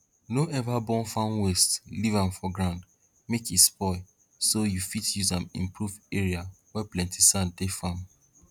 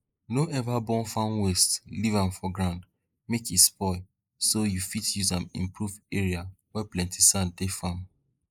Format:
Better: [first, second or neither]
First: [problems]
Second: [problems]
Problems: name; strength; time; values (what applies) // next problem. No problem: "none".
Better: first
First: none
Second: noise reduction (neural mask model Resemble Enhance denoiser)